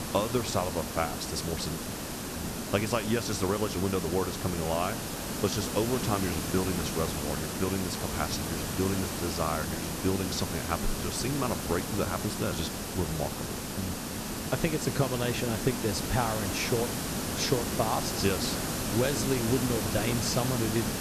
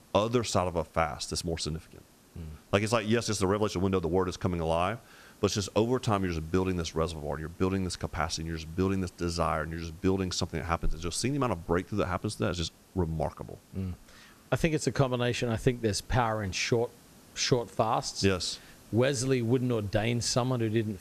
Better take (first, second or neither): second